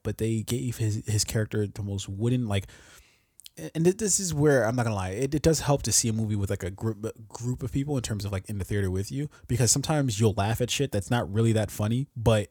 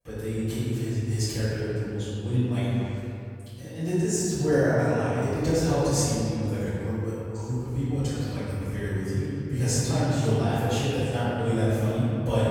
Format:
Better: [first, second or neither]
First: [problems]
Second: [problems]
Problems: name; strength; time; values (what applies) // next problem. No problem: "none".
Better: first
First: none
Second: off-mic speech; far // room echo; strong; dies away in 2.4 s